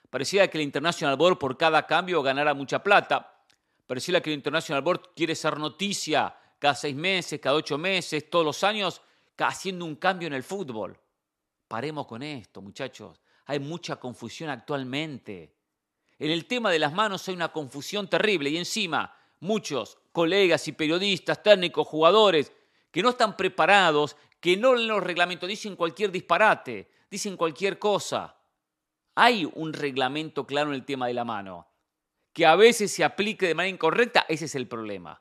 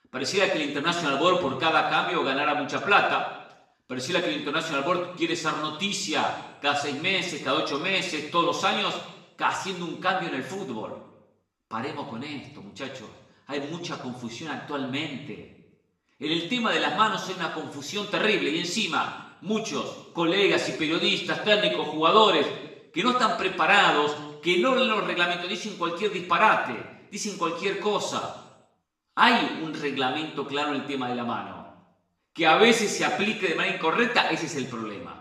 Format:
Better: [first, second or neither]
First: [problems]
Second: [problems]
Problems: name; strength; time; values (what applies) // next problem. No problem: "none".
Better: first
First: none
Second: room echo; noticeable; dies away in 0.8 s // off-mic speech; far